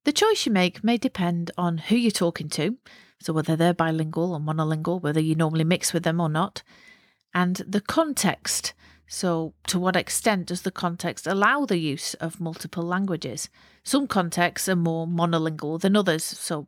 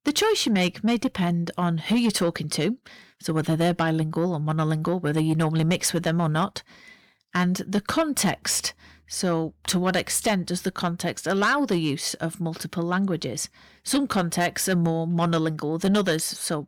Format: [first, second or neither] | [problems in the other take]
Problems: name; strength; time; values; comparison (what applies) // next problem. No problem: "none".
first | distortion; slight; 10 dB below the speech